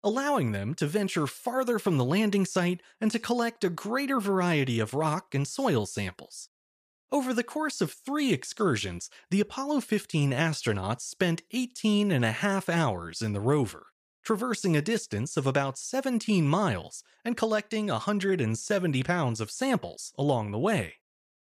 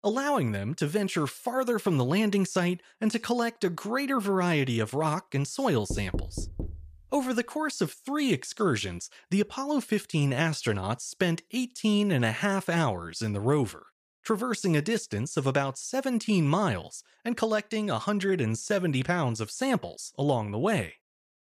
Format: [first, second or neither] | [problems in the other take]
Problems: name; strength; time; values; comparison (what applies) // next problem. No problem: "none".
first | door banging; noticeable; at 6 s; peak 7 dB below the speech